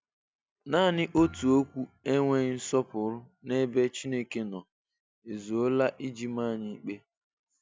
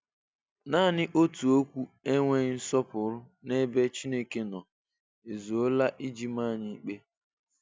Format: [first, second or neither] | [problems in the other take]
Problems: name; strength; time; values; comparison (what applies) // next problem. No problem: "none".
second | background sound (Thump, thud); 20 dB below the speech